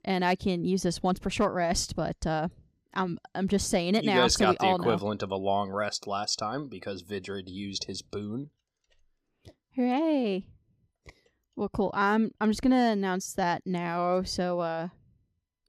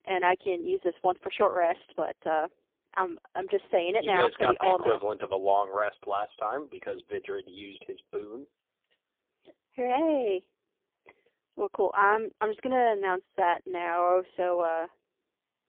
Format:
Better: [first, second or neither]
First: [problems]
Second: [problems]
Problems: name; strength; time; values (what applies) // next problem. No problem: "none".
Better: first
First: none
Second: phone-call audio; poor line